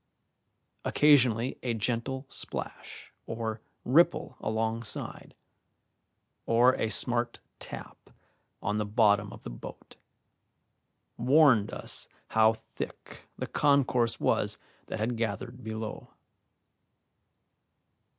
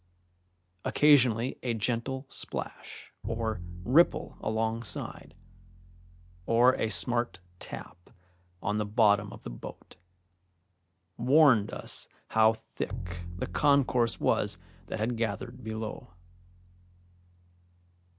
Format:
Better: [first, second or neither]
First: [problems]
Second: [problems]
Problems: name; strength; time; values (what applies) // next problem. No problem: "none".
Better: first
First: none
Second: background sound (Bowed string instrument); 15 dB below the speech